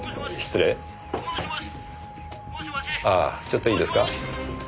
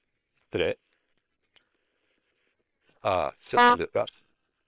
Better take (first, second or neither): first